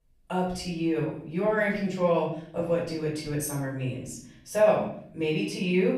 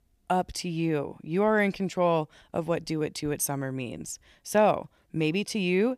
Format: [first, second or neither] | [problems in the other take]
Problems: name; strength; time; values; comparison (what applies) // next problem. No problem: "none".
second | off-mic speech; far // room echo; noticeable; dies away in 0.6 s